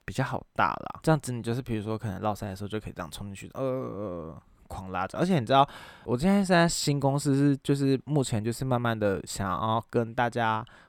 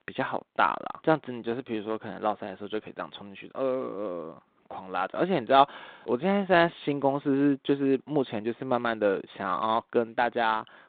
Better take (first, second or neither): first